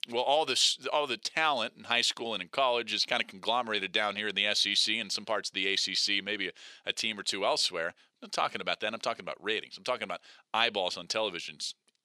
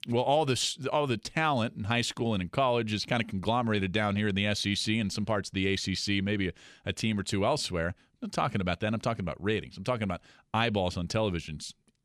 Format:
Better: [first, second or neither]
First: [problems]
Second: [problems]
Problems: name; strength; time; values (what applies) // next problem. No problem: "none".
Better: second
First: thin; somewhat; fading below 450 Hz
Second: none